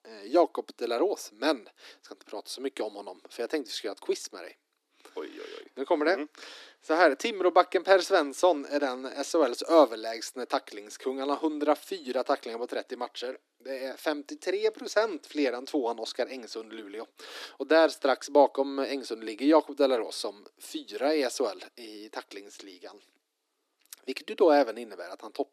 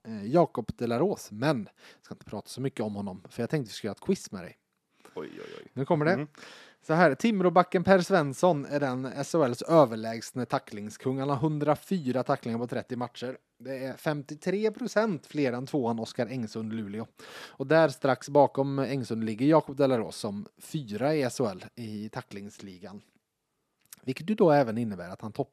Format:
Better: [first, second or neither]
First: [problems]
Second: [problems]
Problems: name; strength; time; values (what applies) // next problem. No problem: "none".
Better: second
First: thin; somewhat; fading below 300 Hz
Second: none